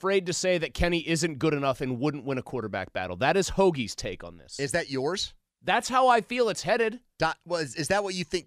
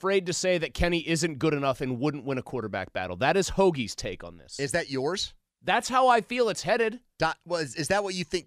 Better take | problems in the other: neither | none

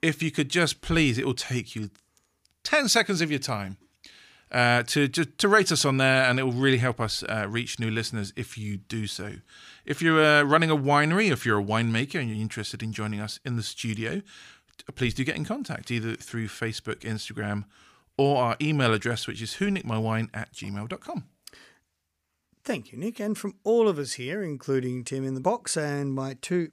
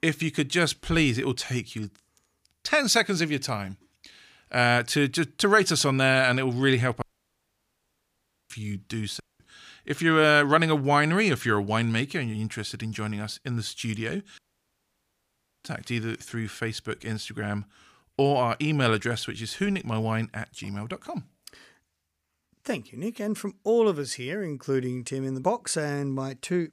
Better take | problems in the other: first | audio cutting out; at 7 s for 1.5 s, at 9 s and at 14 s for 1.5 s

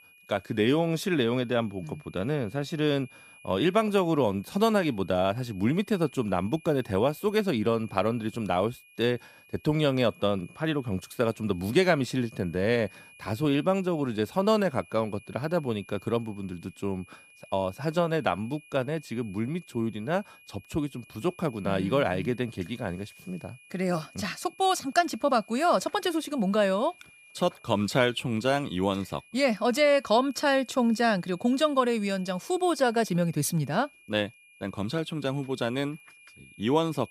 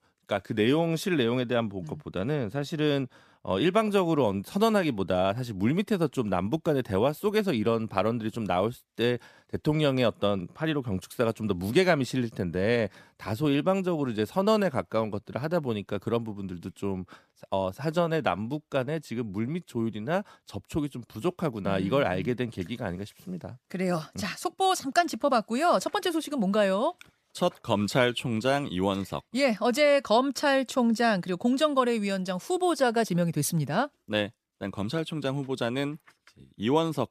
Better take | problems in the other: second | high-pitched whine; faint; throughout; 2.5 kHz, 25 dB below the speech

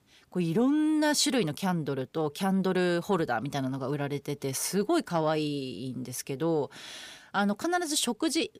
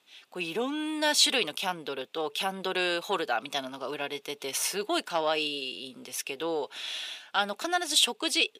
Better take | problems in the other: first | thin; somewhat; fading below 500 Hz

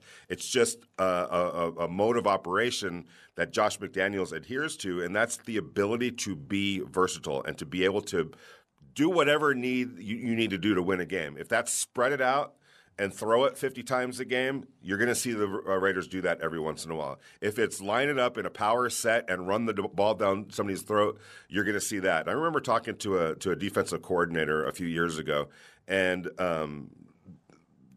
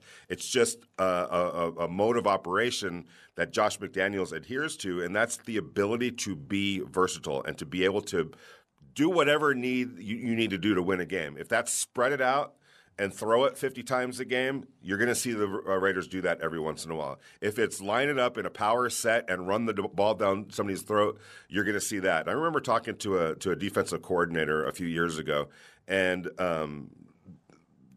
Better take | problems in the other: neither | none

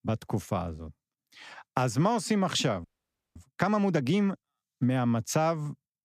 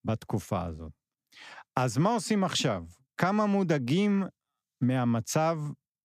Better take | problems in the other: second | audio freezing; at 3 s for 0.5 s

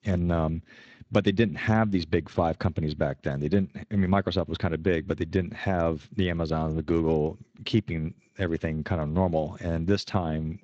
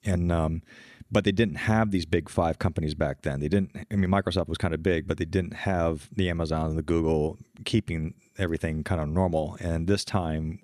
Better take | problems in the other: second | garbled, watery; slightly

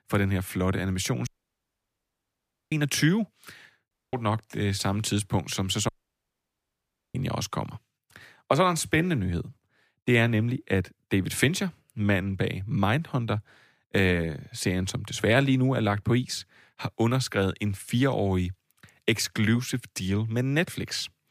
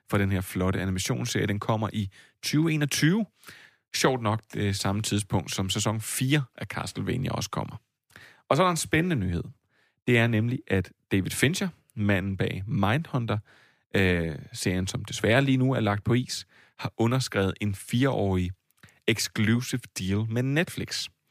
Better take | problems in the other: second | audio cutting out; at 1.5 s for 1.5 s, at 4 s and at 6 s for 1.5 s

